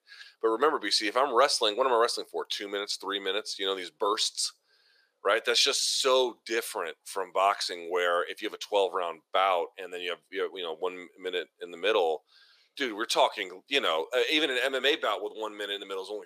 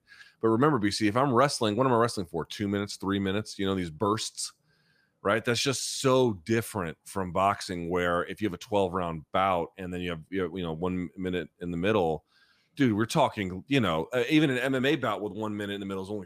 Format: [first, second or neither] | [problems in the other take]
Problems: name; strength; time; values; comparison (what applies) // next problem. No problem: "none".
second | thin; very; fading below 450 Hz